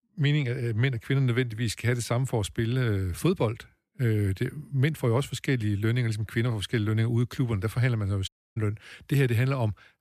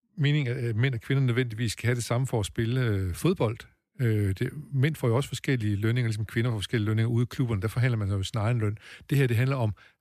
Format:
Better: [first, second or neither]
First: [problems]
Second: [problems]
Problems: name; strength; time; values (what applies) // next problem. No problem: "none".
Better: second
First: audio cutting out; at 8.5 s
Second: none